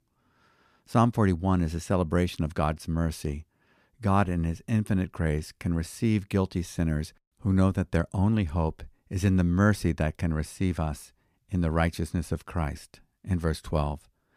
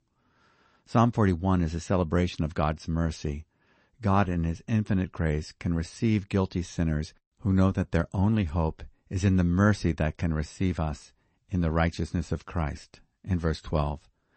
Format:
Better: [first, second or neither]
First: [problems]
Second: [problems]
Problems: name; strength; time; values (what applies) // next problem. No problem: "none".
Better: first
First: none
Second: garbled, watery; slightly; nothing above 8 kHz